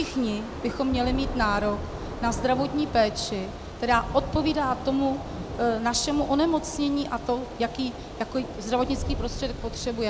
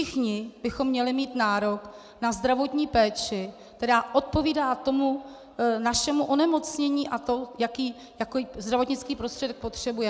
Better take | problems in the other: second | background sound (Thunder / Rain); 8 dB below the speech

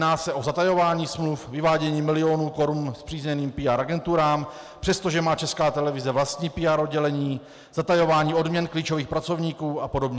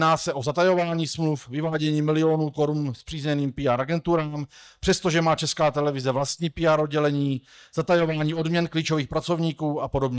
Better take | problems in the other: first | noise reduction (neural mask model DeepFilterNet 3)

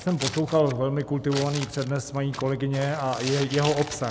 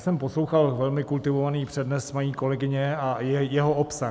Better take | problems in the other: second | background sound (Crumpling, crinkling); 12 dB below the speech

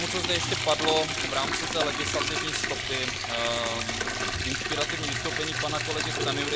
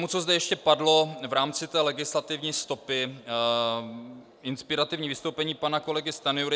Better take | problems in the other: second | background sound (Liquid); 2 dB above the speech

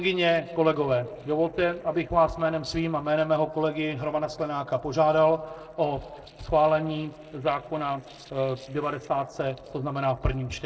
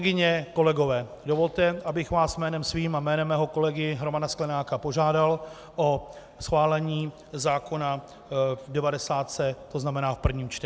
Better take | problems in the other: second | noise reduction (neural separator model SepFormer DNS4)

